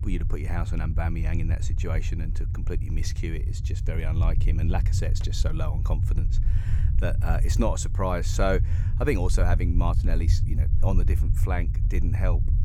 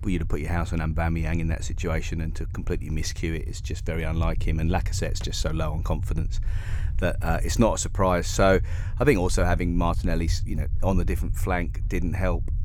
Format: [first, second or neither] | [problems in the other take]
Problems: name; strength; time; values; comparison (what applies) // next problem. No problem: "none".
second | low rumble; loud; throughout; 10 dB below the speech; faint in the second